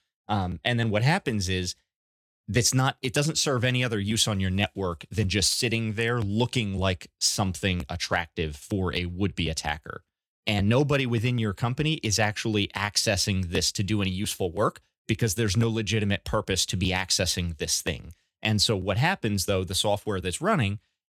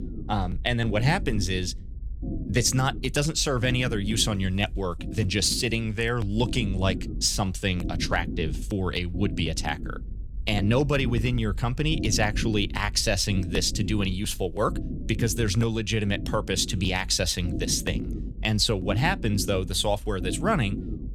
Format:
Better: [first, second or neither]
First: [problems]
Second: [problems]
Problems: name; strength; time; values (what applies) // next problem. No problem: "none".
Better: first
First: none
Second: low rumble; noticeable; throughout; 15 dB below the speech